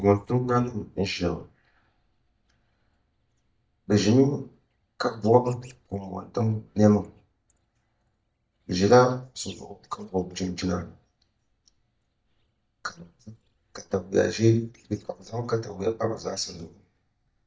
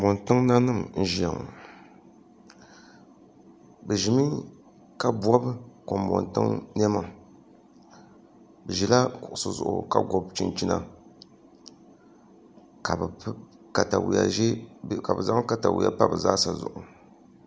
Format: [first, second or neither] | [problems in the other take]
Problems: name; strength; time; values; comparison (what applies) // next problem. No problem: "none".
second | noise reduction (neural mask model DeepFilterNet 3)